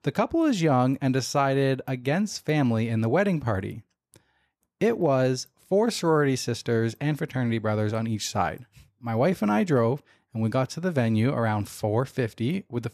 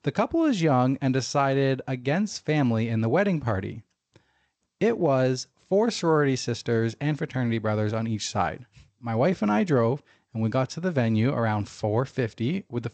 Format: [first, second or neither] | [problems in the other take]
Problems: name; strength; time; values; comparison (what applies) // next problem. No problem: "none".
first | garbled, watery; slightly; nothing above 7.5 kHz